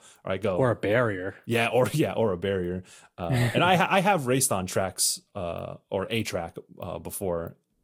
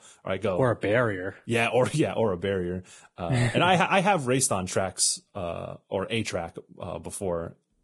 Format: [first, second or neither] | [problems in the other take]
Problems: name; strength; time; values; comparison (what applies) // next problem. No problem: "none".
first | garbled, watery; badly; nothing above 10.5 kHz; slightly in the first